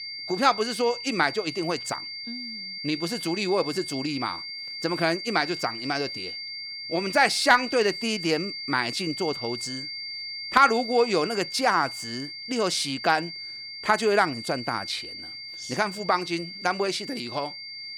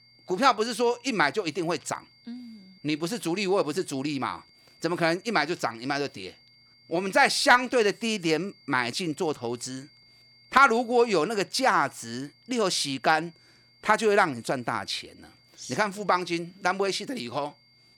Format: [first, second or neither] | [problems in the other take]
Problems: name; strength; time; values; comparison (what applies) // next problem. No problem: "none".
second | high-pitched whine; loud; throughout; 4.5 kHz, 8 dB below the speech; faint in the second